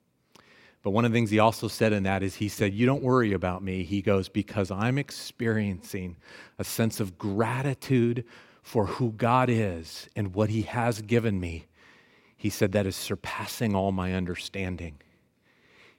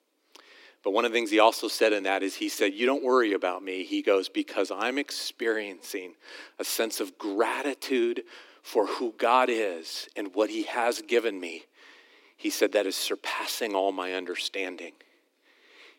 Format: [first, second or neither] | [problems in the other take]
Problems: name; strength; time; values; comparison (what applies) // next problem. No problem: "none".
first | thin; somewhat; fading below 300 Hz